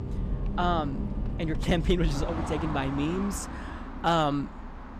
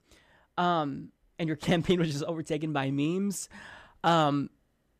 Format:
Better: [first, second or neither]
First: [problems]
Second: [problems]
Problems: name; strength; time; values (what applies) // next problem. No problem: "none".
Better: second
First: traffic noise; loud; throughout; 5 dB below the speech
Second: none